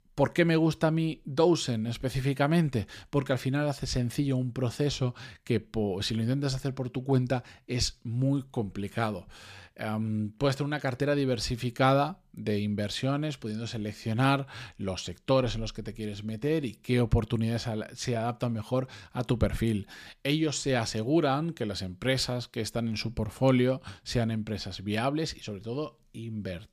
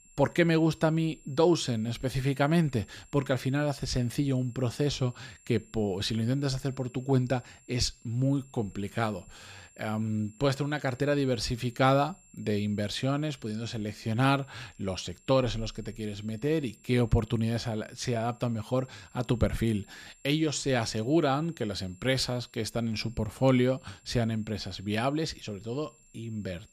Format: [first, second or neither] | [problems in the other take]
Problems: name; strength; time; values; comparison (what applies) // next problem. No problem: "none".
first | high-pitched whine; faint; throughout; 7.5 kHz, 30 dB below the speech